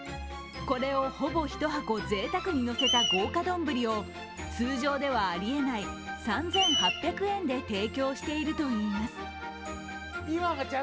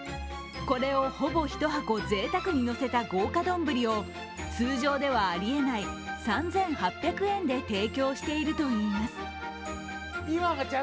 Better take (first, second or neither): second